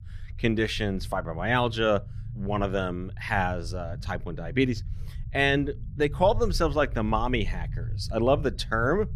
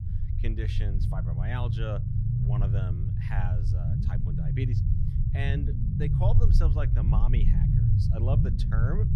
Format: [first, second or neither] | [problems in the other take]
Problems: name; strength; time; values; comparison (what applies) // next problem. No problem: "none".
first | low rumble; loud; throughout; as loud as the speech; faint in the first